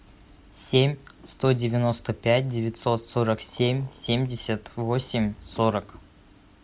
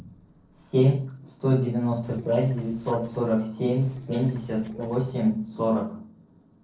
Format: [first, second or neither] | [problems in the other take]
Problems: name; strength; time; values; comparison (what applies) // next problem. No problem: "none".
first | noise reduction (neural separator model SepFormer DNS4)